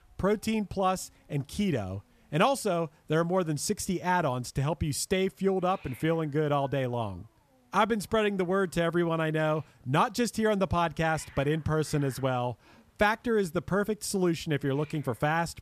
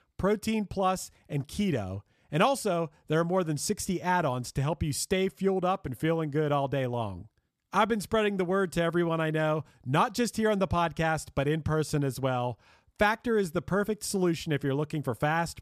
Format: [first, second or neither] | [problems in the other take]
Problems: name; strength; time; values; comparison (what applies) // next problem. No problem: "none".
second | hiss; faint; throughout; 30 dB below the speech